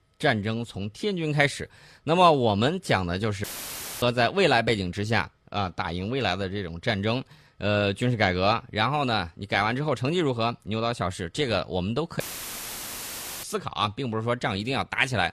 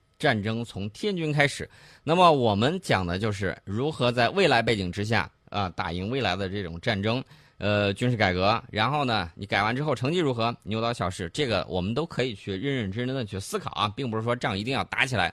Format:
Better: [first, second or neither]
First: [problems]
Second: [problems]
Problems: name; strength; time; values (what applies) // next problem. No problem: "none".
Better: second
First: audio cutting out; filled with static; at 3.5 s for 0.5 s and at 12 s for 1 s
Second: none